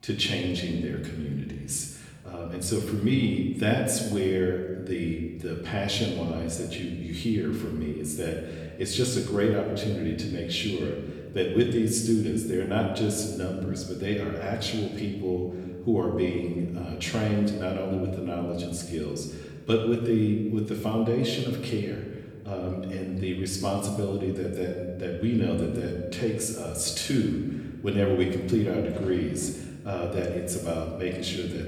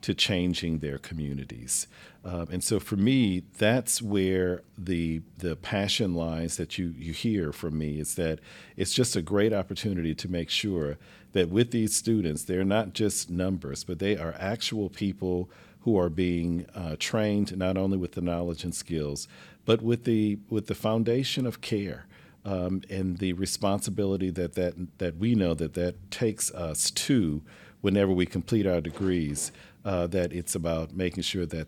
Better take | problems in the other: second | room echo; noticeable; dies away in 1.3 s // off-mic speech; far

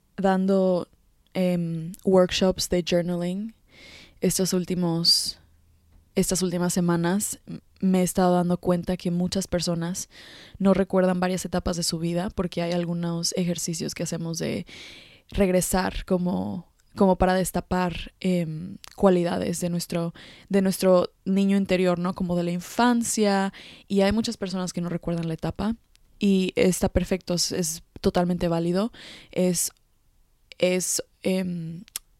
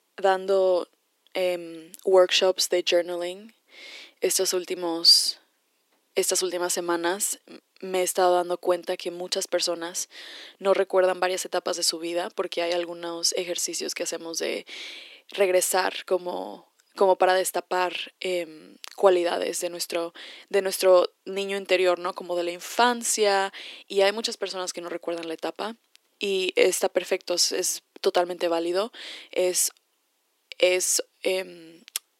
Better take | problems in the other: first | thin; very; fading below 300 Hz

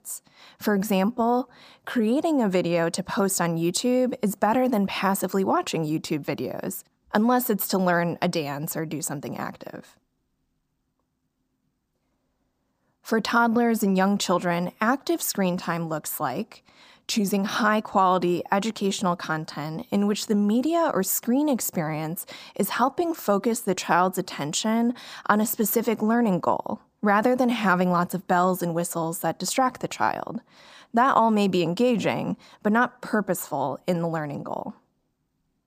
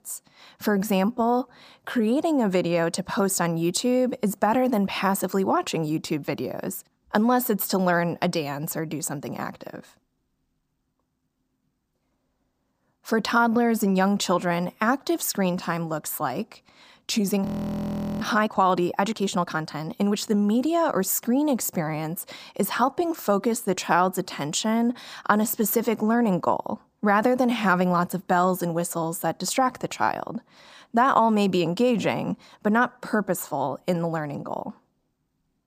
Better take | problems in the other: first | audio freezing; at 17 s for 1 s

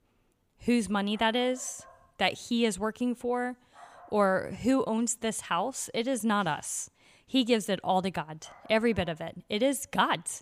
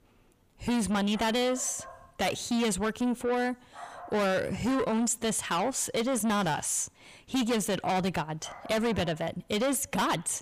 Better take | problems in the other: first | distortion; heavy; 6 dB below the speech

